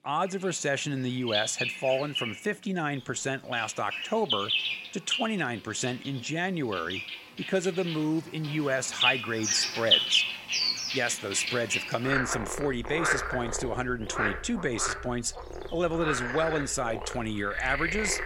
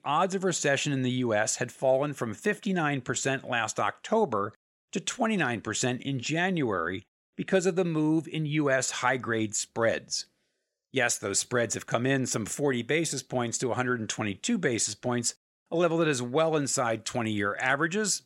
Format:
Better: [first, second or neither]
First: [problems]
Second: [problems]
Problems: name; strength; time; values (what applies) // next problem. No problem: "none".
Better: second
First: animal sounds; very loud; throughout; 1 dB above the speech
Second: none